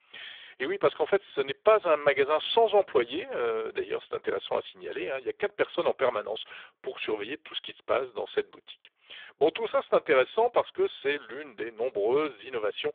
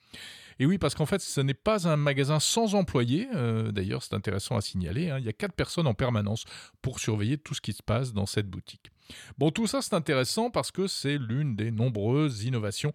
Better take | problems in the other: second | phone-call audio; poor line; nothing above 3.5 kHz

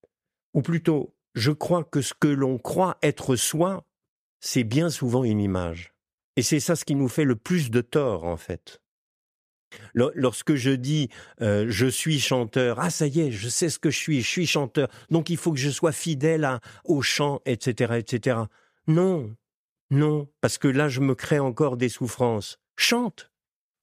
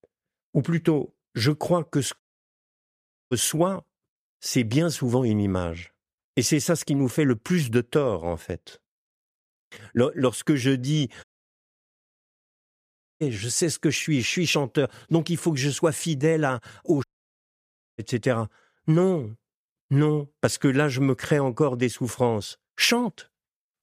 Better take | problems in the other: first | audio cutting out; at 2 s for 1 s, at 11 s for 2 s and at 17 s for 1 s

